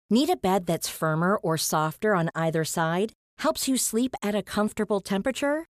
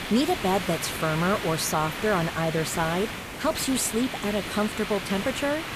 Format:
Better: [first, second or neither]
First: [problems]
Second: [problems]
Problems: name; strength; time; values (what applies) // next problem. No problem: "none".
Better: first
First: none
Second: hiss; loud; throughout; 6 dB below the speech